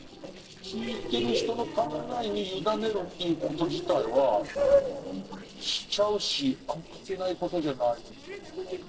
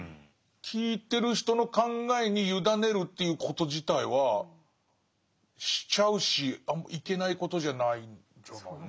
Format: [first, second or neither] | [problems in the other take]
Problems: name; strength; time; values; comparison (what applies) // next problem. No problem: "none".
second | noise reduction (neural separator model SepFormer DNS4)